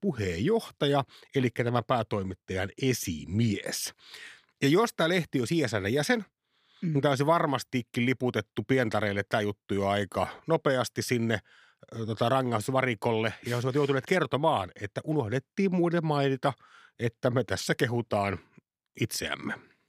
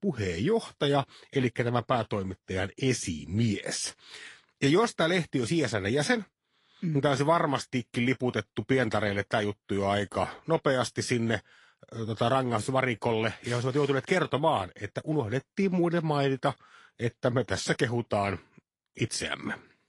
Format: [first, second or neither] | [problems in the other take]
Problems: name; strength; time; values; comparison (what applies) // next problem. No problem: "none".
first | garbled, watery; slightly; nothing above 11 kHz